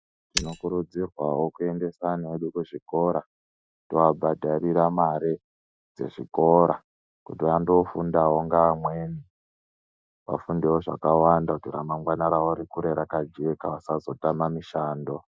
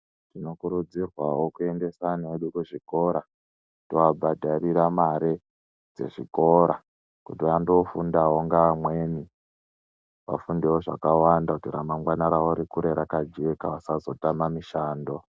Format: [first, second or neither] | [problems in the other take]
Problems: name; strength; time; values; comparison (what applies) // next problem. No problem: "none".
second | noise reduction (classical method Wiener filter)